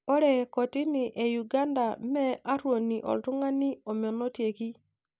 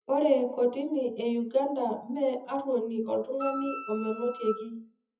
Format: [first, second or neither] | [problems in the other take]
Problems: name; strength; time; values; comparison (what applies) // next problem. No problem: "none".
first | noise reduction (classical method WPE with log-MMSE)